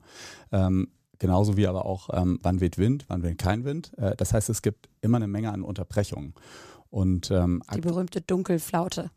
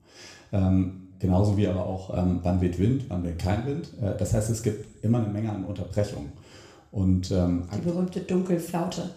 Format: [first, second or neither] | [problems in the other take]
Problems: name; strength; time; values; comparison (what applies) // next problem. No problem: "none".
first | room echo; slight; dies away in 0.7 s // off-mic speech; somewhat distant